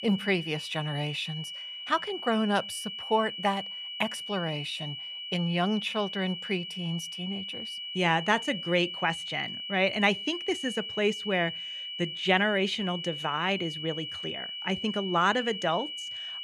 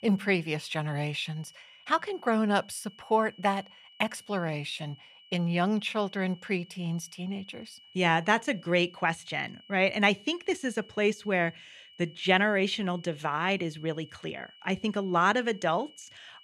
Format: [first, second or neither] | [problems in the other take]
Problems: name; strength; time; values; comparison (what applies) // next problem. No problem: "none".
second | high-pitched whine; loud; throughout; 3 kHz, 6 dB below the speech; faint in the second